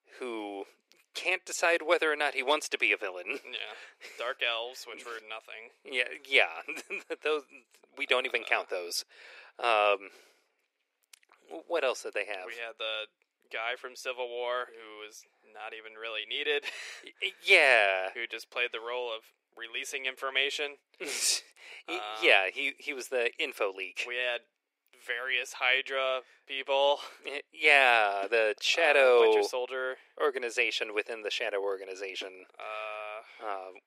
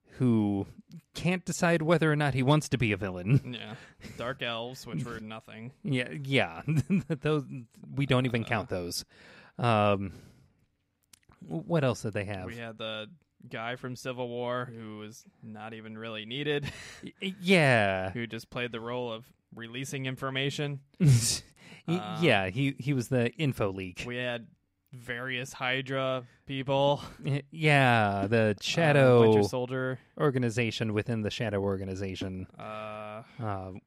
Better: second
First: thin; very; fading below 400 Hz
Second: none

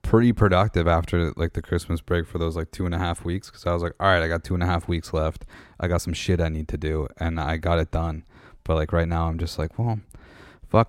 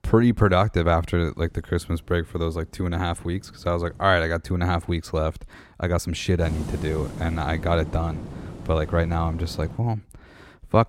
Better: first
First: none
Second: wind noise on the microphone; occasional gusts; from 1.5 to 4 s and from 6.5 to 10 s; 15 dB below the speech

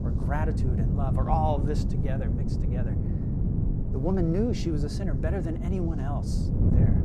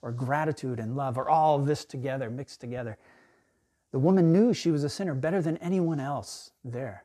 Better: second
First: wind noise on the microphone; heavy; 5 dB below the speech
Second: none

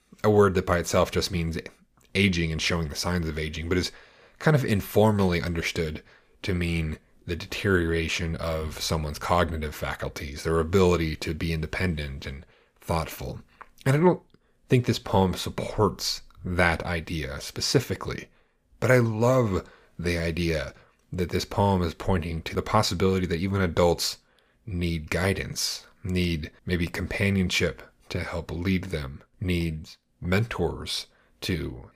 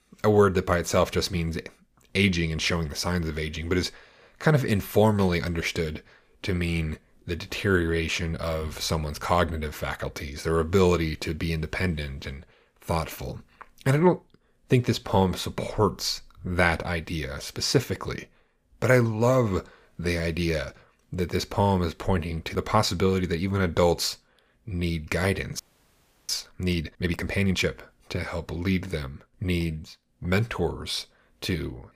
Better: first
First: none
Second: audio freezing; at 26 s for 0.5 s

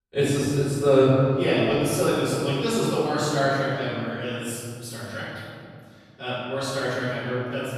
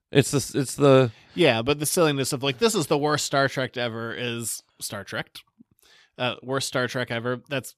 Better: second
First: off-mic speech; far // room echo; strong; dies away in 2.2 s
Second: none

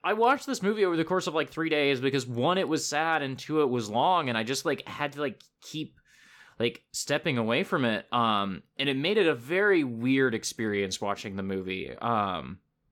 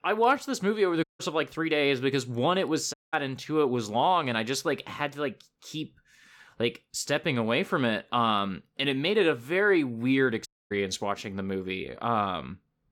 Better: first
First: none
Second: audio cutting out; at 1 s, at 3 s and at 10 s

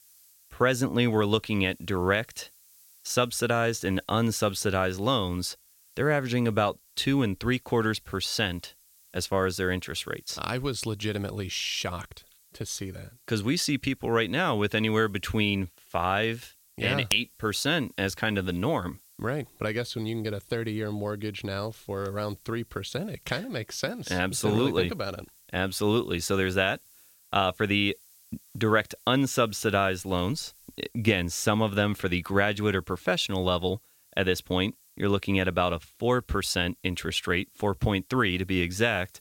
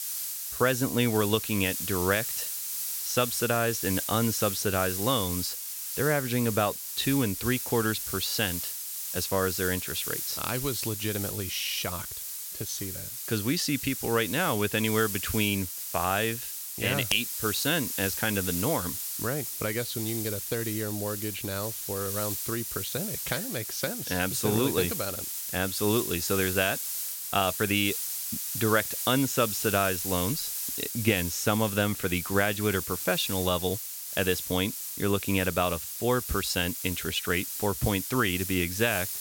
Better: first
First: hiss; faint; throughout; 30 dB below the speech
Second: hiss; loud; throughout; 3 dB below the speech

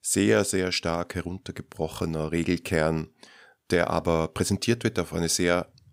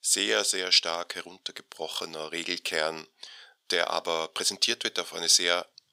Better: first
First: none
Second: thin; very; fading below 550 Hz

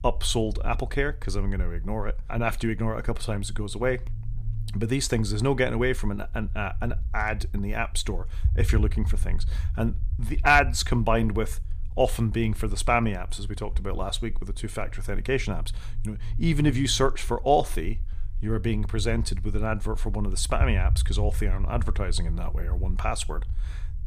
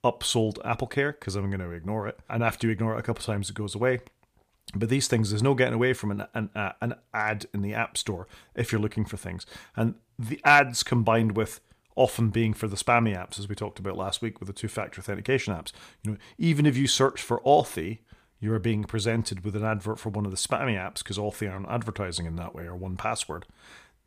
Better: second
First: low rumble; faint; throughout; 25 dB below the speech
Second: none

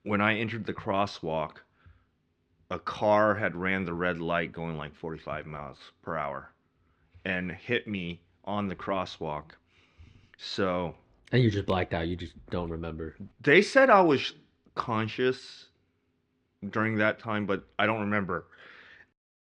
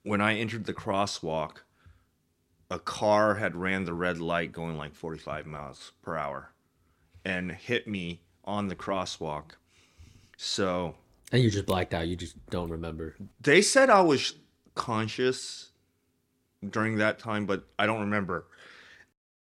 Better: second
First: muffled; slightly; fading above 3 kHz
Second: none

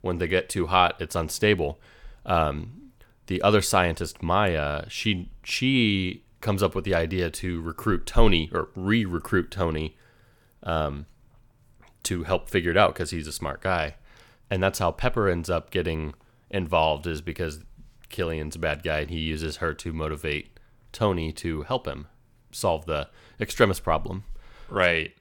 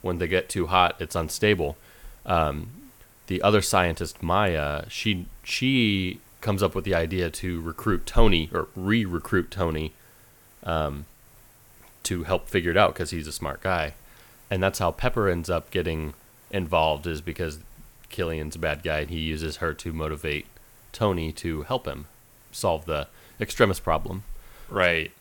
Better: first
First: none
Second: hiss; faint; throughout; 25 dB below the speech

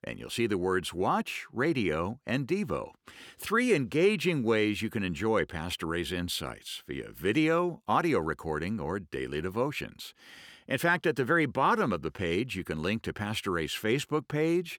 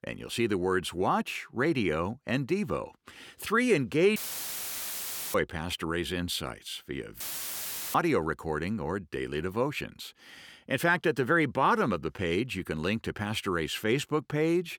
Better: first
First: none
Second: audio cutting out; filled with static; at 4 s for 1 s and at 7 s for 0.5 s

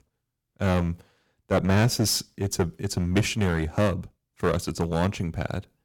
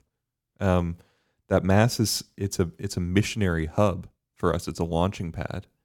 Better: second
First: distortion; heavy; 5% of the sound clipped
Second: none

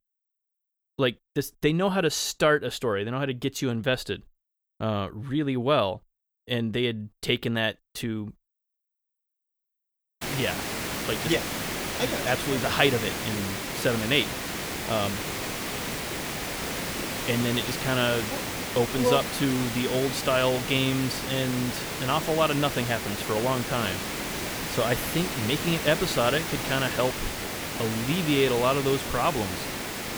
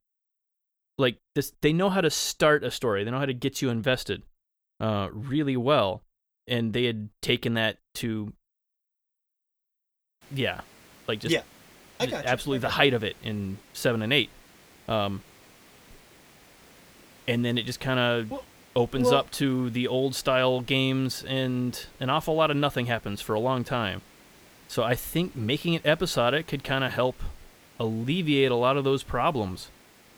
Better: second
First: hiss; loud; from 10 s on; 4 dB below the speech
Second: hiss; faint; from 10 s on; 25 dB below the speech

